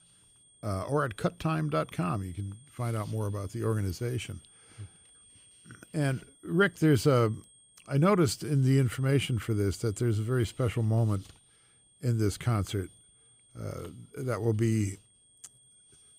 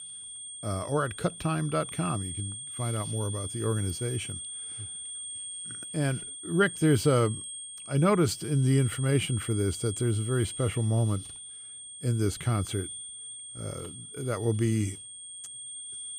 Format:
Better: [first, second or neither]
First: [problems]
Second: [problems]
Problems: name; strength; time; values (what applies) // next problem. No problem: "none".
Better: first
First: high-pitched whine; faint; throughout; 8.5 kHz, 30 dB below the speech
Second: high-pitched whine; loud; throughout; 8.5 kHz, 9 dB below the speech